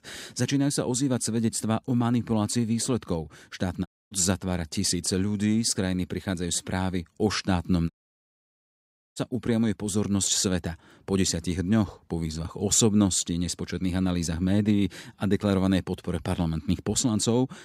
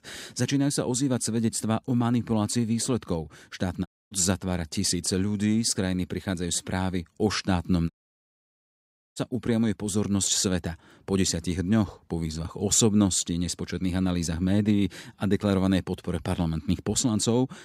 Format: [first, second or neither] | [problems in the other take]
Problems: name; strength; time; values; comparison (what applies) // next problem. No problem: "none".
neither | audio cutting out; at 4 s and at 8 s for 1.5 s; the same in both